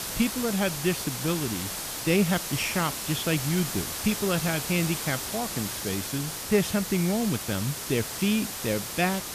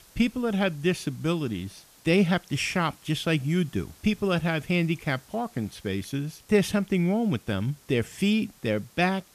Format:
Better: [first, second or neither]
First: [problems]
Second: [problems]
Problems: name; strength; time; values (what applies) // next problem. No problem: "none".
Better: second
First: hiss; loud; throughout; 4 dB below the speech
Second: hiss; faint; throughout; 25 dB below the speech